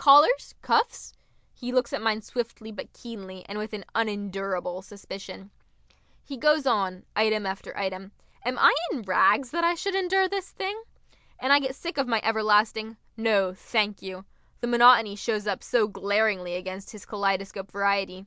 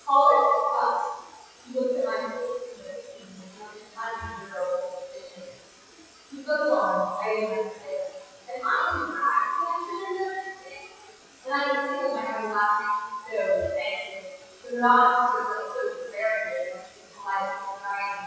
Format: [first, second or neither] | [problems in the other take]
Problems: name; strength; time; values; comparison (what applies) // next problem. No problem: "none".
first | noise reduction (classical method WPE with log-MMSE)